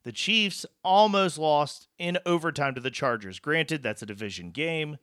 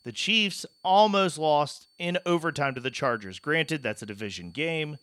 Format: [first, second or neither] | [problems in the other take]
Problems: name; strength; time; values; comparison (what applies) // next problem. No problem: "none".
first | high-pitched whine; faint; throughout; 4.5 kHz, 35 dB below the speech